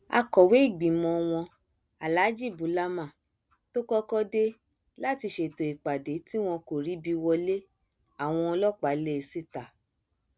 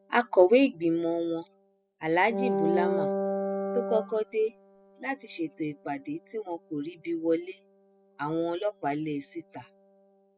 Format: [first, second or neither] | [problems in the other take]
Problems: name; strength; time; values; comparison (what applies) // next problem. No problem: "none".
first | noise reduction (classical method spectral subtraction)